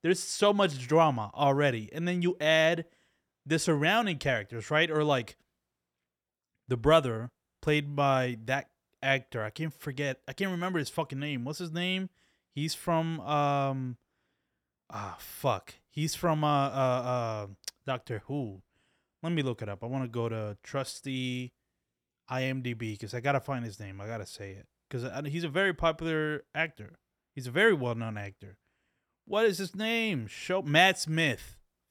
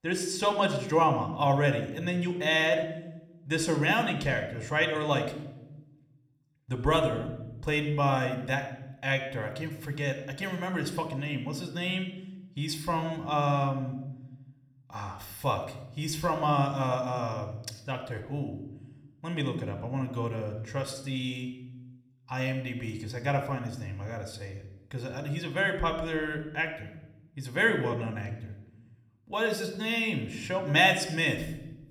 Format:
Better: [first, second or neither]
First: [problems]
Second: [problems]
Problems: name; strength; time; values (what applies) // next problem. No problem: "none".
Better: first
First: none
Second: room echo; slight; dies away in 0.8 s